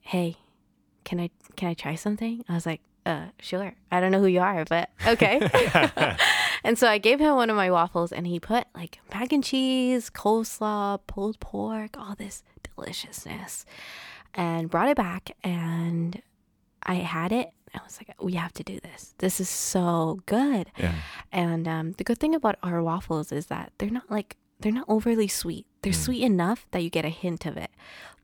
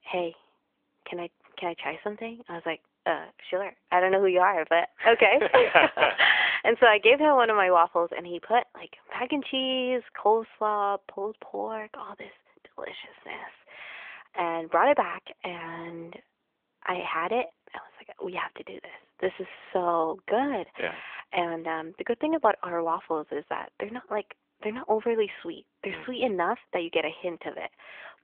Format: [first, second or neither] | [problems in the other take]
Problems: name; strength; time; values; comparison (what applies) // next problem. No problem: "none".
first | phone-call audio